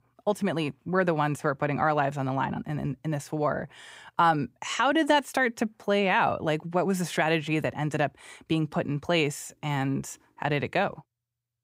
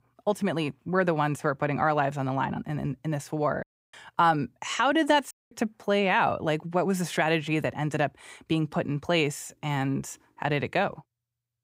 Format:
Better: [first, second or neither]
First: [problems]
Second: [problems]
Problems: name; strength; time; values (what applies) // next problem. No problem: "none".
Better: first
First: none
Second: audio cutting out; at 3.5 s and at 5.5 s